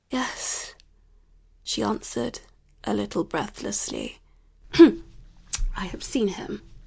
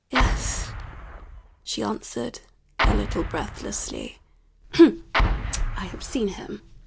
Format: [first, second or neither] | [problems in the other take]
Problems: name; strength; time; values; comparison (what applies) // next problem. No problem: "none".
first | background sound (Explosion); as loud as the speech